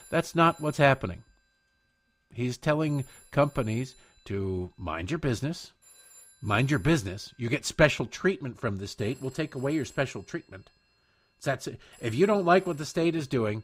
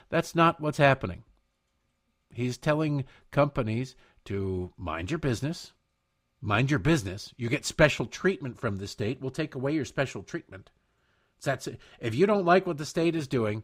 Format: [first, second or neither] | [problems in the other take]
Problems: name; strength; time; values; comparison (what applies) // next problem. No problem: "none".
second | alarms or sirens; faint; throughout; 25 dB below the speech